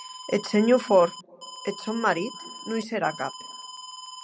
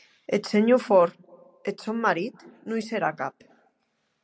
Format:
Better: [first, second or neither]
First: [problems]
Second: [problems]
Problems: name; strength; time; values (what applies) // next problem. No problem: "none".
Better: second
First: background sound (Alarm); 15 dB below the speech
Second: none